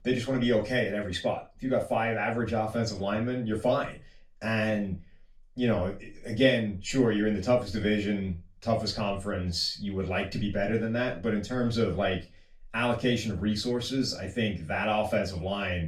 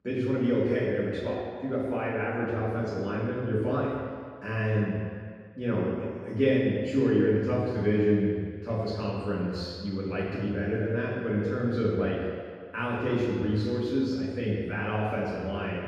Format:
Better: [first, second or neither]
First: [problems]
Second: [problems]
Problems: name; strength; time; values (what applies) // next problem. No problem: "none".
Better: first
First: room echo; slight; dies away in 0.2 s // off-mic speech; far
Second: room echo; strong; dies away in 1.8 s // off-mic speech; far